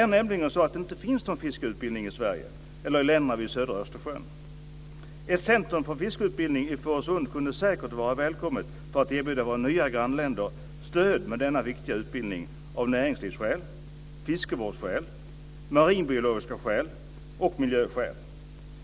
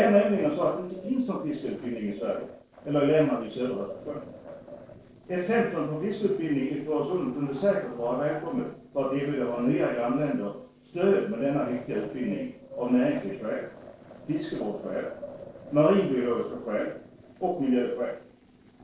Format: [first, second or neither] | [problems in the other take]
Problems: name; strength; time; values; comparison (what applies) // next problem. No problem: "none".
first | noise reduction (neural separator model SepFormer DNS4)